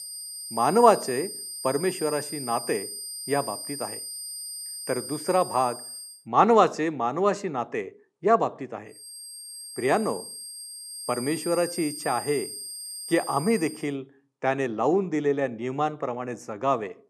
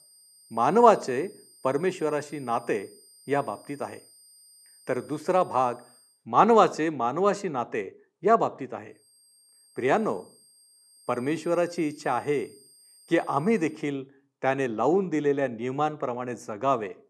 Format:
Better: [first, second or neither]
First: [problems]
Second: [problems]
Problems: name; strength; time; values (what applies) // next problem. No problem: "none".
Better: second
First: high-pitched whine; loud; until 6 s and from 9 to 14 s; 8.5 kHz, 9 dB below the speech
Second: high-pitched whine; faint; until 6 s and from 9 to 14 s; 8.5 kHz, 25 dB below the speech